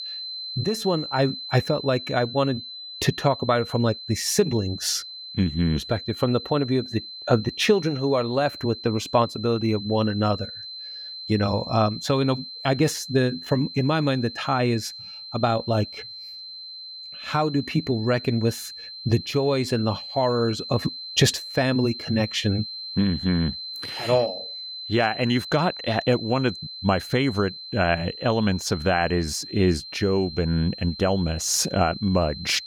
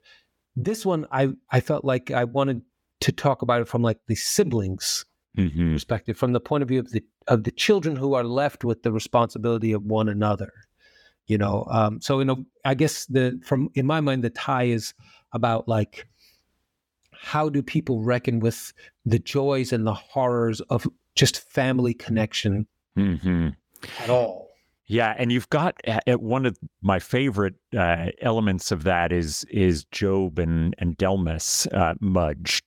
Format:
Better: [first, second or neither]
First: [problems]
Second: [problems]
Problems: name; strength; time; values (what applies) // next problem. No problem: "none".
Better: second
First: high-pitched whine; noticeable; throughout; 4 kHz, 10 dB below the speech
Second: none